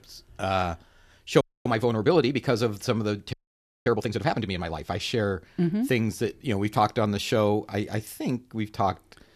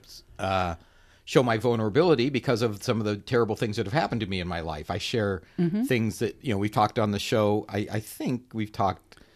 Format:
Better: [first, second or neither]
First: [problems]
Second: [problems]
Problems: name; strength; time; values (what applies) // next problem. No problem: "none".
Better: second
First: audio freezing; at 1.5 s and at 3.5 s for 0.5 s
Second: none